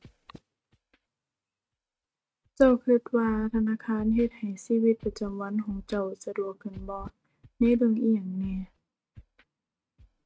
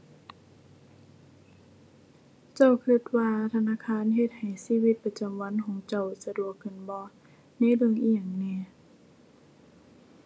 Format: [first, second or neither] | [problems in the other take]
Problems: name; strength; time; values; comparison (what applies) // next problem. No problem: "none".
second | noise reduction (neural mask model RNNoise)